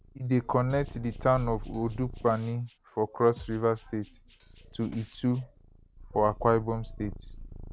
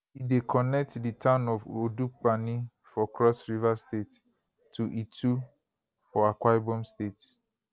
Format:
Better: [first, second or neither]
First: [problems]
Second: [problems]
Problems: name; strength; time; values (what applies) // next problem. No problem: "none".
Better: second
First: background sound (Drum kit + Purr); 14 dB below the speech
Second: none